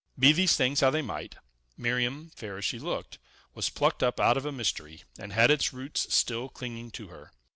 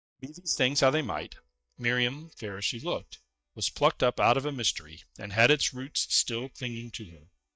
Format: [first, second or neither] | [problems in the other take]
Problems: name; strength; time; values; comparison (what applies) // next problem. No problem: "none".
first | noise reduction (neural mask model DeepFilterNet 3)